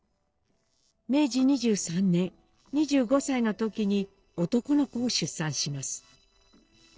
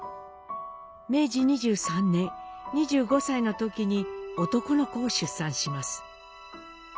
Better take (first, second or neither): second